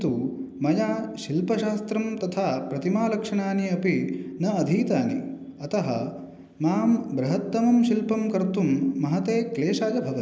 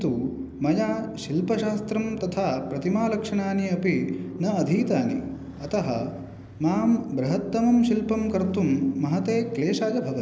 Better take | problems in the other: first | background sound (Motorcycle); 17 dB below the speech

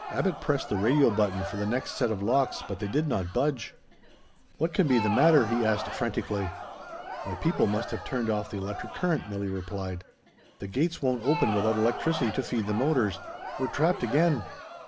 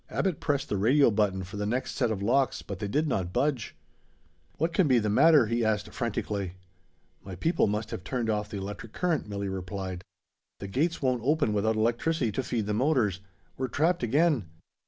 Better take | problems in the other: second | background sound (Crowd); 10 dB below the speech

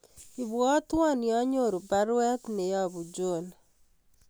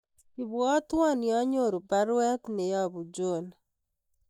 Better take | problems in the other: first | noise reduction (neural mask model DeepFilterNet 3)

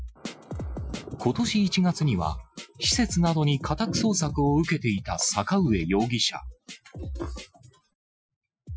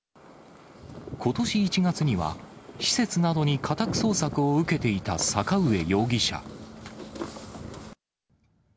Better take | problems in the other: second | noise reduction (classical method Wiener filter)

